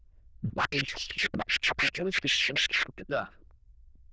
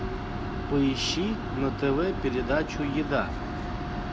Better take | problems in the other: second | noise reduction (neural diffusion model UNIVERSE++)

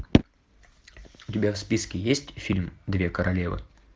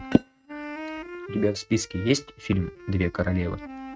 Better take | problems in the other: first | noise reduction (neural mask model RNNoise)

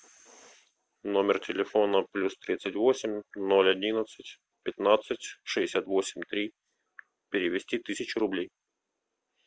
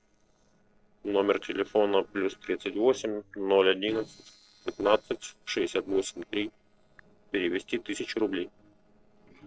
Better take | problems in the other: first | noise reduction (neural separator model SepFormer DNS4)

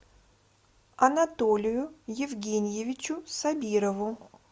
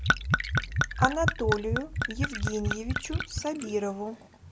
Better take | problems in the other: first | background sound (Gurgling / Chink, clink / Liquid); 3 dB above the speech

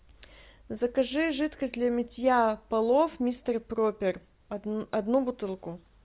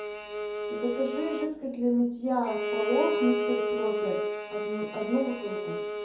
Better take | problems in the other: first | background sound (Bowed string instrument); 1 dB below the speech // room echo; dies away in 0.6 s

